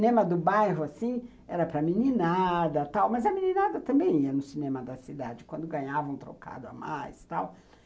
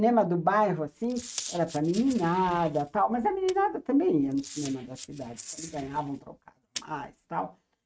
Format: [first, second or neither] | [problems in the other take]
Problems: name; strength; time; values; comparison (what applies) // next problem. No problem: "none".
first | noise reduction (neural mask model RNNoise)